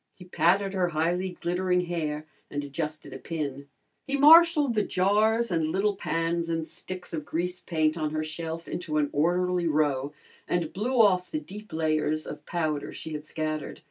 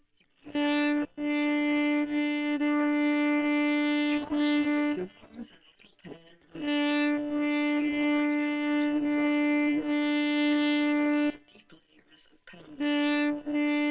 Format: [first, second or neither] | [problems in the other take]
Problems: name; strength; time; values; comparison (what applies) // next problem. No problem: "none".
first | noise reduction (neural separator model SepFormer WHAM!)